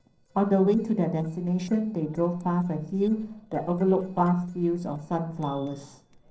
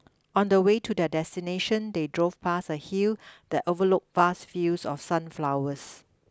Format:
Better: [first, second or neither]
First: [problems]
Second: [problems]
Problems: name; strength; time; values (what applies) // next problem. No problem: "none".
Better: second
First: noise reduction (neural separator model SepFormer DNS4)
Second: none